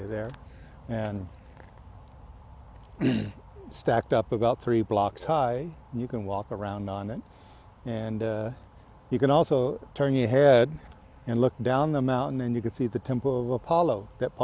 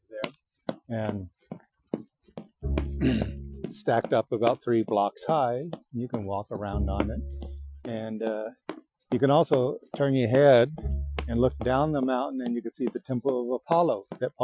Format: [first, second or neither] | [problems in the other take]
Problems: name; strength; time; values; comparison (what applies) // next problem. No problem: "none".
first | noise reduction (classical method Wiener filter)